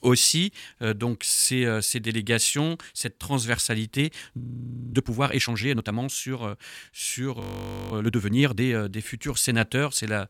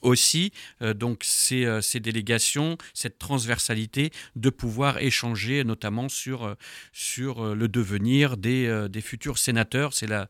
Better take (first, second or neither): second